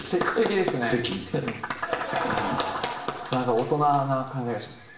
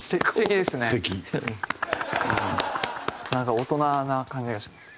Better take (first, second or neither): second